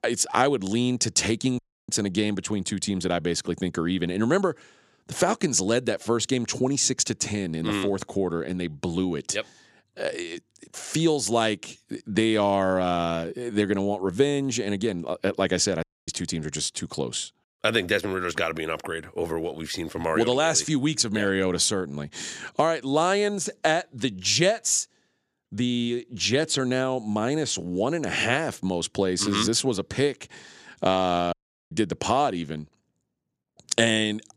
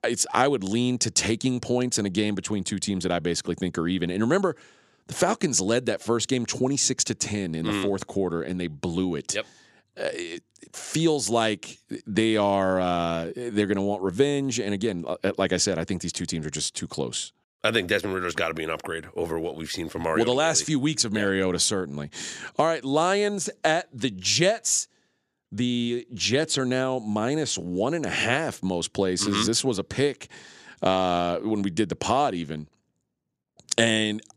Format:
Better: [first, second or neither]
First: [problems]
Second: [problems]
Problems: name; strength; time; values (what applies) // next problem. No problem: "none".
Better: second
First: audio cutting out; at 1.5 s, at 16 s and at 31 s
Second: none